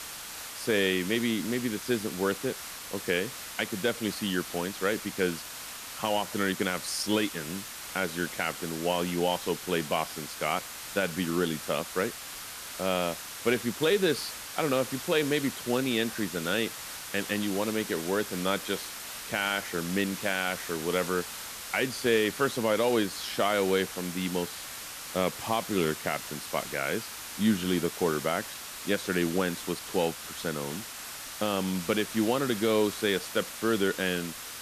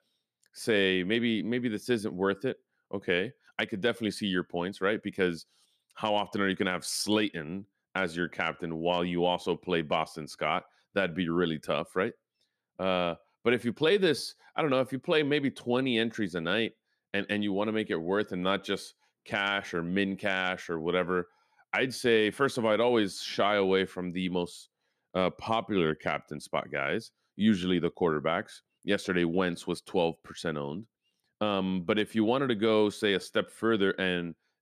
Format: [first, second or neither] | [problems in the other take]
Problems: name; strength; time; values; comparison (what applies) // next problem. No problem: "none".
second | hiss; loud; throughout; 8 dB below the speech